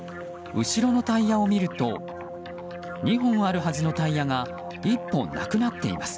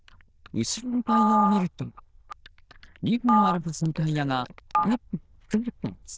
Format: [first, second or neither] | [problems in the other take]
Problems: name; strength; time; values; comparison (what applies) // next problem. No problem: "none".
first | noise reduction (neural diffusion model UNIVERSE++)